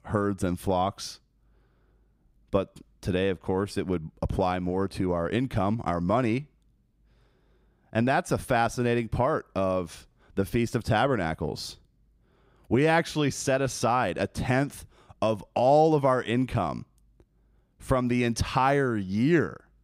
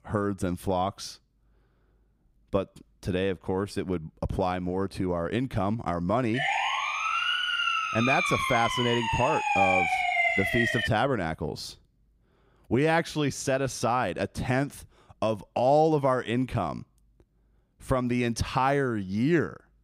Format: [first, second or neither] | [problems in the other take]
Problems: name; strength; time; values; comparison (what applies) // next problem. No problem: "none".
first | siren; loud; from 6.5 to 11 s; peak 5 dB above the speech